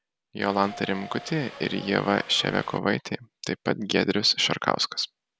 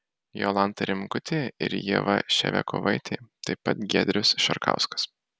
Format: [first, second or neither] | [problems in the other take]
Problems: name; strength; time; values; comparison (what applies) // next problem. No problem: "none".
second | background sound (Subway, metro, underground / Doorbell); 16 dB below the speech